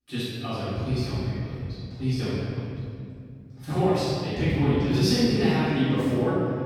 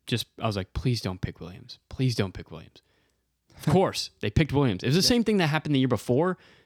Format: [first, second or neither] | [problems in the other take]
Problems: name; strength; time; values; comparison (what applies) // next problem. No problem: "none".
second | off-mic speech; far // room echo; strong; dies away in 2.6 s